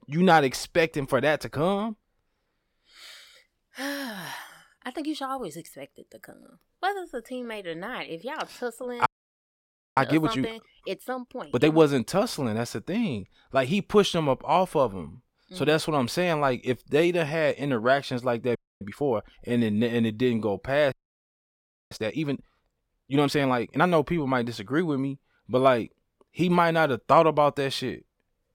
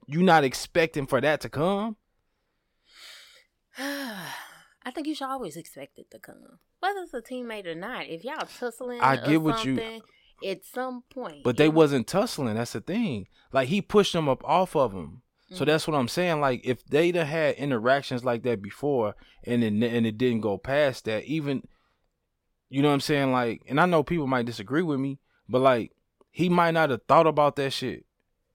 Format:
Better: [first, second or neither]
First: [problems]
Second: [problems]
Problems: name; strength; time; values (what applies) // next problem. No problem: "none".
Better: second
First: audio freezing; at 9 s for 1 s, at 19 s and at 21 s for 1 s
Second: none